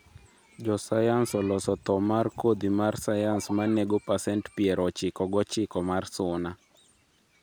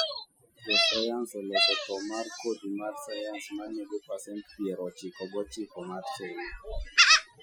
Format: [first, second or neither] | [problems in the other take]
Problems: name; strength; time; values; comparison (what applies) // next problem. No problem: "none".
first | noise reduction (classical method Wiener filter)